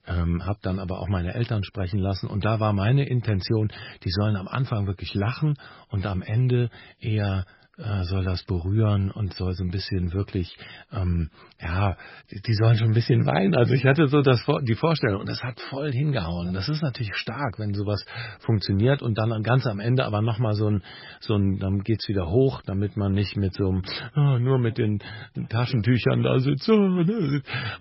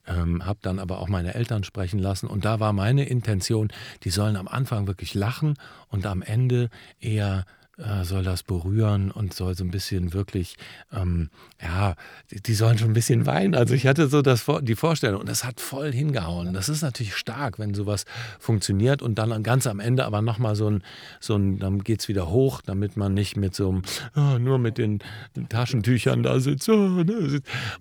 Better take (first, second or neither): second